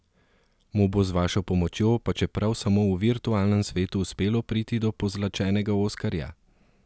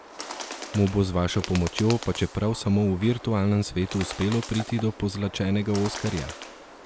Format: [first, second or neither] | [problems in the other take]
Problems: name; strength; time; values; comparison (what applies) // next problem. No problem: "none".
first | background sound (Bird); 13 dB below the speech